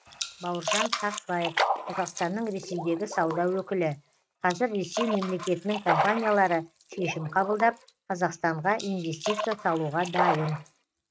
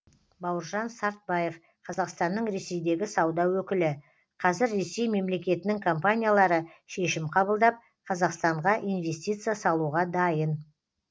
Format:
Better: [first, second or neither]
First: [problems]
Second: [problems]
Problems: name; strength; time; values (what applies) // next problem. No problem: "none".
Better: second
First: noise reduction (neural mask model RNNoise)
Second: none